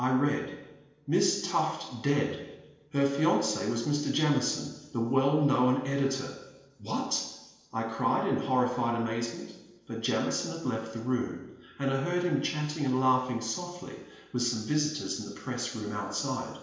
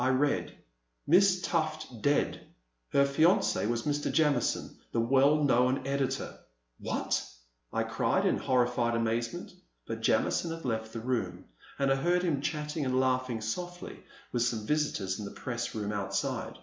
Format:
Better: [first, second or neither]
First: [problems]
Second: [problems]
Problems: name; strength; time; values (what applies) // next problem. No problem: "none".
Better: second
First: room echo; dies away in 1.1 s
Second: none